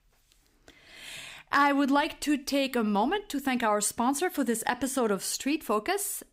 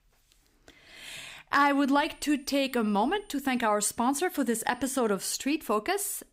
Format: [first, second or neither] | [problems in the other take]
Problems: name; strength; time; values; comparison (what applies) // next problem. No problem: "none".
first | high-pitched whine; faint; from 1.5 to 5 s; 9 kHz, 30 dB below the speech